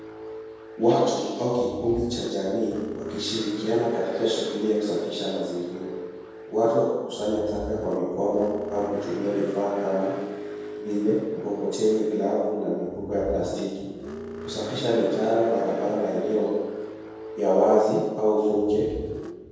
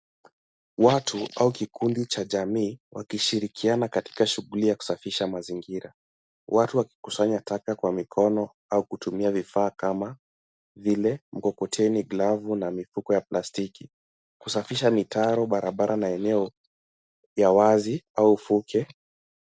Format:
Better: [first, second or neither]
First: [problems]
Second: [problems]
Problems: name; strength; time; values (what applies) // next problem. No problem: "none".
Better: second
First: background sound (Car); 12 dB below the speech // room echo; dies away in 1.2 s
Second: none